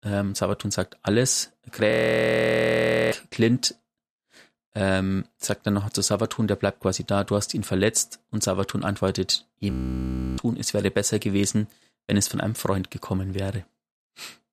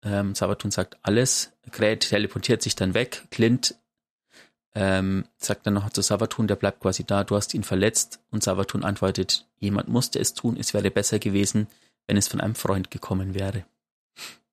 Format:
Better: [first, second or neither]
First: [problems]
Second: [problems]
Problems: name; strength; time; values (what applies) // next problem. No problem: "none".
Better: second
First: audio freezing; at 2 s for 1 s and at 9.5 s for 0.5 s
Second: none